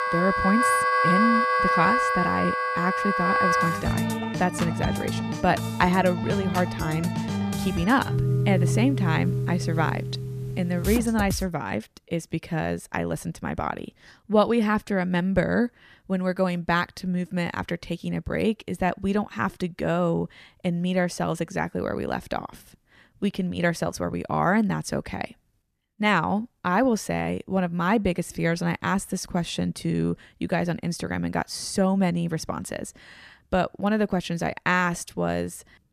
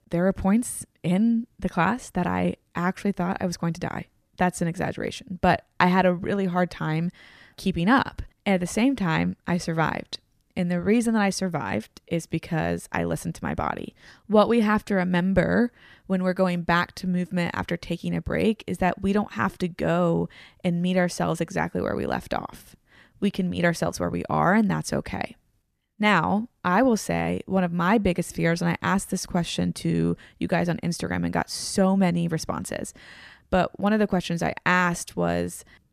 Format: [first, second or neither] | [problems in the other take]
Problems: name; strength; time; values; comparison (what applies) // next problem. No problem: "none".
second | background music; very loud; until 11 s; 1 dB above the speech